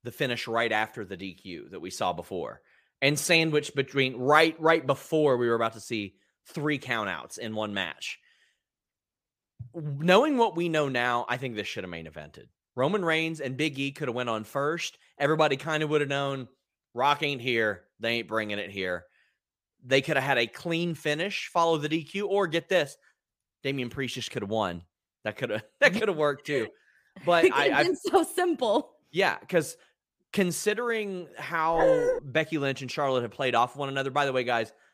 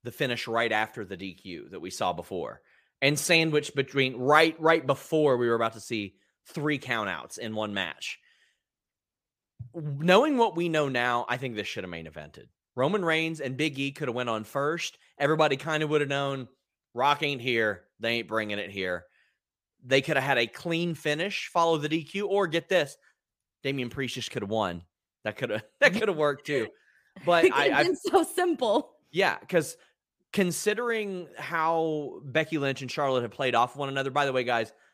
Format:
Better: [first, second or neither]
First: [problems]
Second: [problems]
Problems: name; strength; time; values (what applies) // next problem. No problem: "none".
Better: second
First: dog barking; loud; at 32 s; peak 4 dB above the speech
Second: none